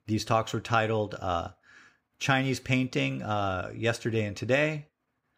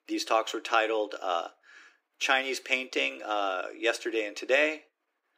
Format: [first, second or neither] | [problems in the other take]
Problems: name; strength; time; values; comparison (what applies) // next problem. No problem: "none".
first | thin; very; fading below 300 Hz